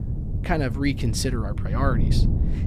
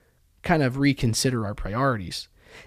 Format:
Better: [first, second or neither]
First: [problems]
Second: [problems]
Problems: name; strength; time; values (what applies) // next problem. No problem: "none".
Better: second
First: wind noise on the microphone; heavy; 9 dB below the speech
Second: none